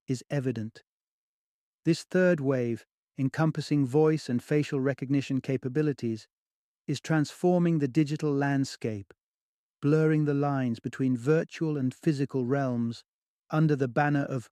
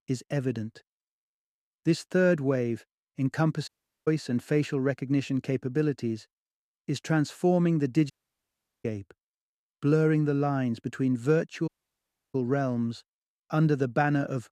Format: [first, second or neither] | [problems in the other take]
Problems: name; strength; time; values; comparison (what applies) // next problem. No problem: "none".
first | audio cutting out; at 3.5 s, at 8 s for 0.5 s and at 12 s for 0.5 s